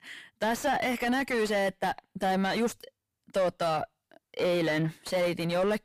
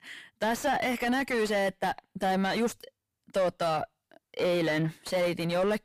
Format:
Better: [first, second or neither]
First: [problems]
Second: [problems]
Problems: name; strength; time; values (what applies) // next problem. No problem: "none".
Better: neither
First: distortion; heavy; 6 dB below the speech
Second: distortion; heavy; 6 dB below the speech